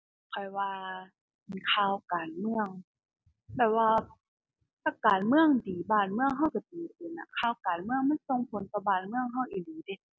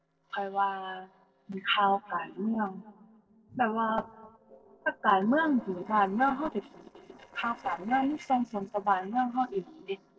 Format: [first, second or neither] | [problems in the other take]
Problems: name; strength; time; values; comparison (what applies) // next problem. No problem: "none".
first | noise reduction (neural separator model SepFormer DNS4)